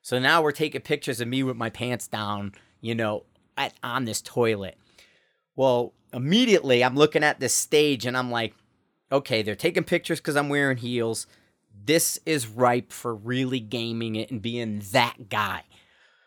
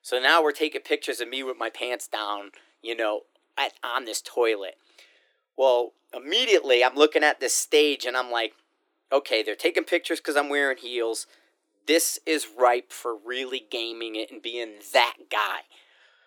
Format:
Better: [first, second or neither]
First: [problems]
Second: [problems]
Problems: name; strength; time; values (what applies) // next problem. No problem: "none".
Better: first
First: none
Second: thin; somewhat; fading below 300 Hz